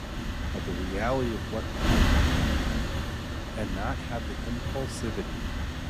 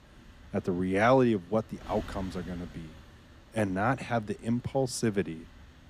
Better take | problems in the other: second | wind noise on the microphone; heavy; 2 dB above the speech; occasional gusts in the second

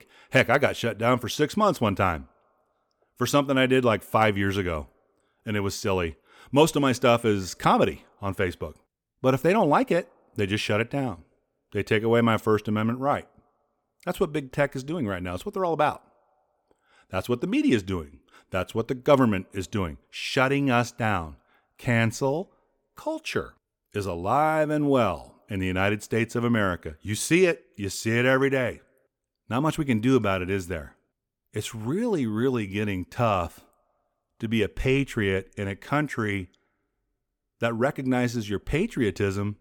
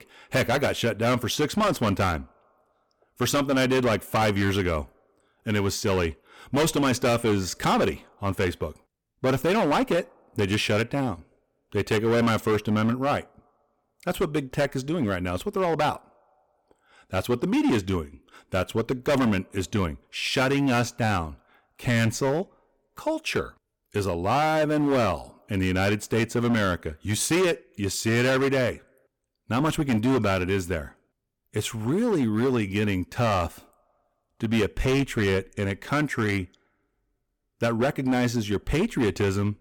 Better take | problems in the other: first | distortion; heavy; 11% of the sound clipped

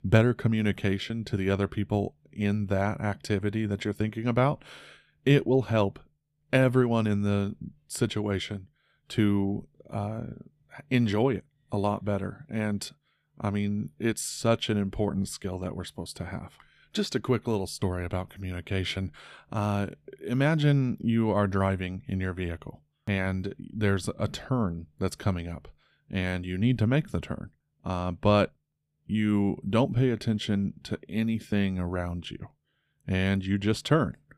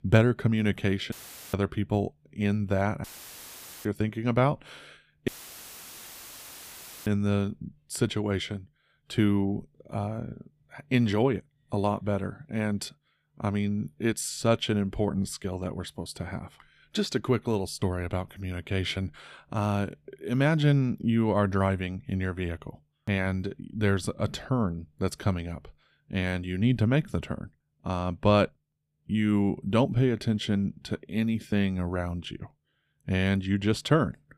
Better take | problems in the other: first | audio cutting out; filled with static; at 1 s, at 3 s for 1 s and at 5.5 s for 2 s

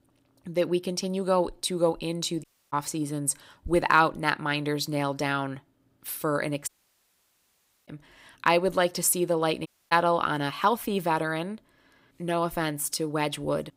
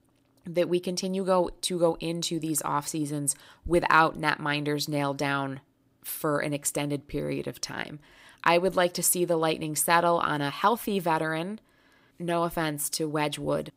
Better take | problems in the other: second | audio cutting out; at 2.5 s, at 6.5 s for 1 s and at 9.5 s

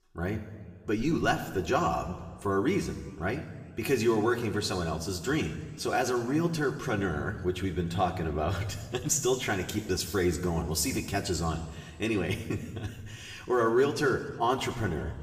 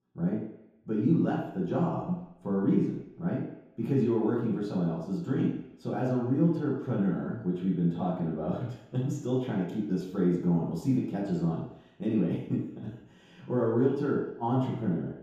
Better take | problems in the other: first | room echo; strong; dies away in 0.8 s; slight in the first // off-mic speech; far; somewhat distant in the first

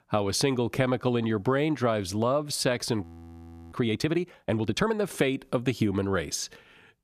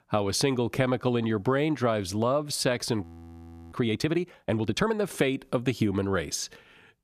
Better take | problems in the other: neither | audio freezing; at 3 s for 0.5 s; the same in both

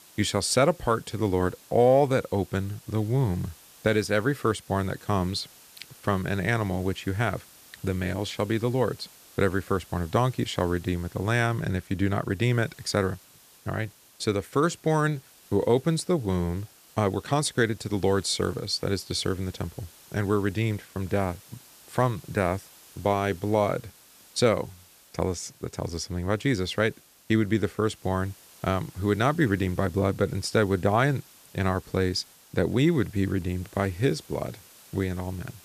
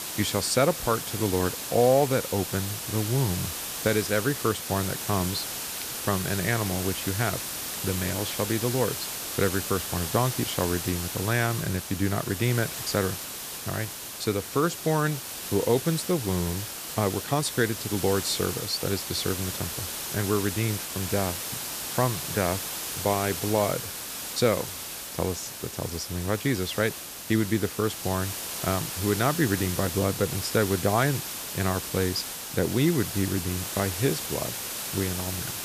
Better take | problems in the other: first | hiss; loud; throughout; 4 dB below the speech; faint in the first

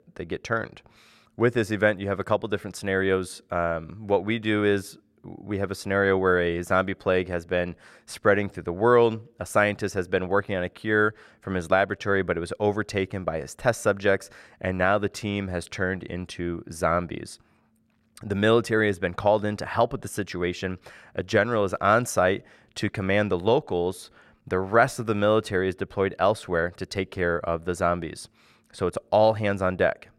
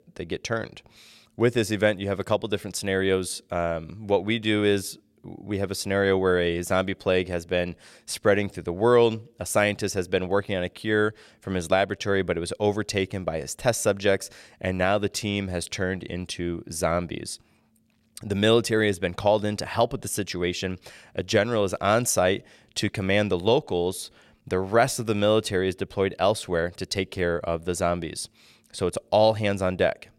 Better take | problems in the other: second | muffled; slightly; fading above 2.5 kHz

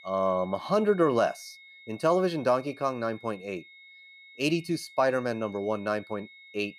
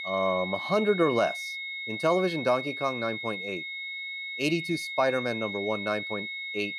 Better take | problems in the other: first | high-pitched whine; loud; throughout; 2 kHz, 5 dB below the speech; faint in the first

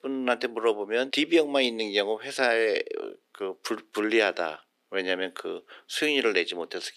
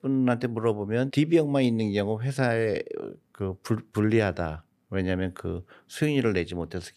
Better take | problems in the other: second | thin; somewhat; fading below 350 Hz

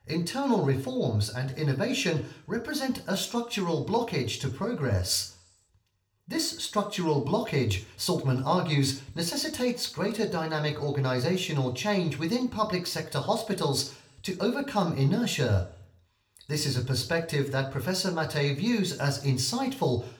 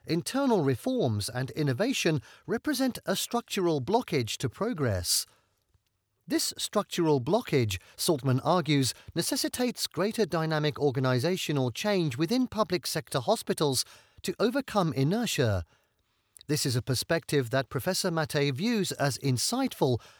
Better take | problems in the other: second | room echo; very slight; dies away in 0.4 s

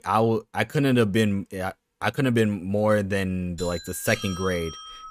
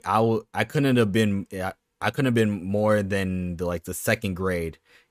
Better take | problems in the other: second | doorbell; noticeable; from 3.5 s on; peak 10 dB below the speech

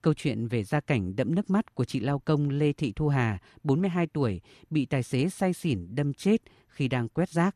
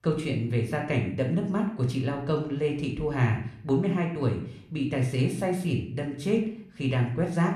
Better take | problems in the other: first | room echo; slight; dies away in 0.5 s // off-mic speech; somewhat distant

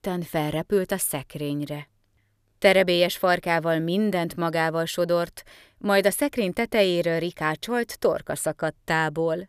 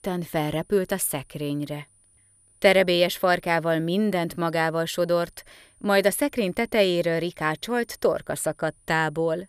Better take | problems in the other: first | high-pitched whine; faint; throughout; 9.5 kHz, 35 dB below the speech

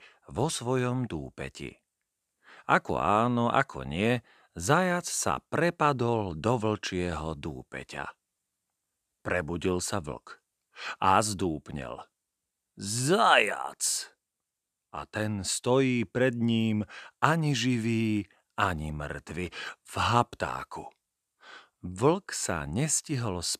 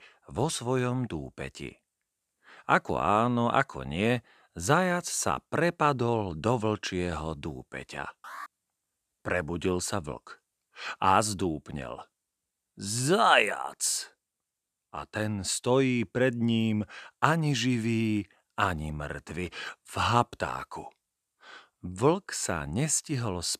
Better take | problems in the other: first | alarm; faint; at 8 s; peak 15 dB below the speech

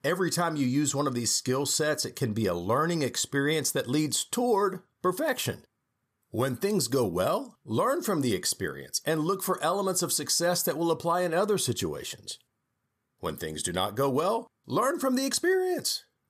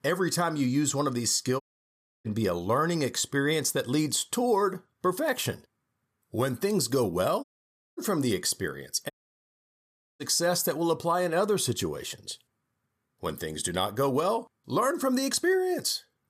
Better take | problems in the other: first | audio cutting out; at 1.5 s for 0.5 s, at 7.5 s for 0.5 s and at 9 s for 1 s

